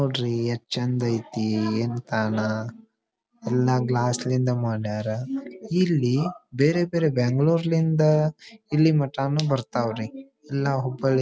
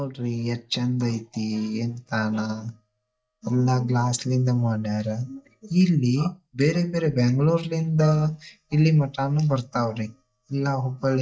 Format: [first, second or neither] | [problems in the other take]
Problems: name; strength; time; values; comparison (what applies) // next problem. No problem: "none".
first | noise reduction (neural mask model DeepFilterNet 3)